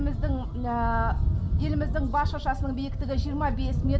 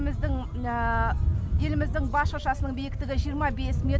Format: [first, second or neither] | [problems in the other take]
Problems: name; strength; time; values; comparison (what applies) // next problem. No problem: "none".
second | room echo; dies away in 0.3 s